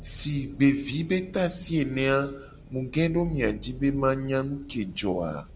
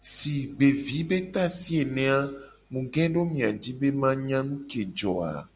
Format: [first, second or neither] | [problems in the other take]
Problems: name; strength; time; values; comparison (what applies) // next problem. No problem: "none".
second | background sound (Engine); 16 dB below the speech